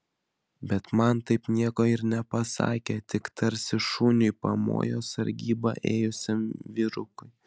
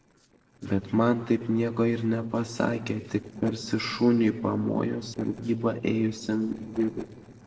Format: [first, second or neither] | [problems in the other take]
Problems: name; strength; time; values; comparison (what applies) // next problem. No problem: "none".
first | noise reduction (neural separator model SepFormer DNS4)